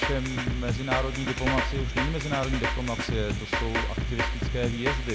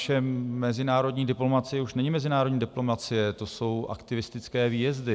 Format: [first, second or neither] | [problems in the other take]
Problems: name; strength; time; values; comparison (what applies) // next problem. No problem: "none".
second | background sound (Drum kit); 2 dB above the speech